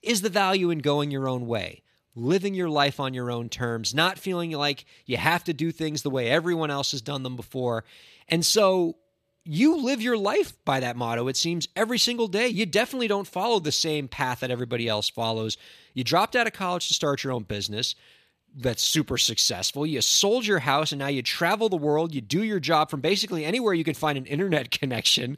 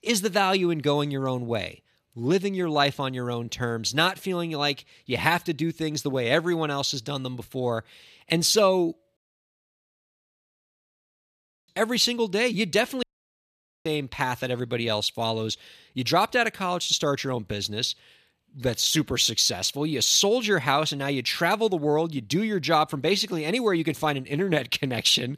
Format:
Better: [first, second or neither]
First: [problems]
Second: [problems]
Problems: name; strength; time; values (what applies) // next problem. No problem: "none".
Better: first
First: none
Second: audio cutting out; at 9 s for 2.5 s and at 13 s for 1 s